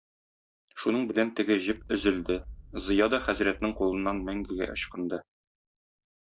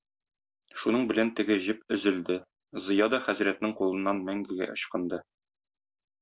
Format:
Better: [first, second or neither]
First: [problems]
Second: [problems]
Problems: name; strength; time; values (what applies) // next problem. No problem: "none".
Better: second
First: noise reduction (neural mask model DeepFilterNet 3)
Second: none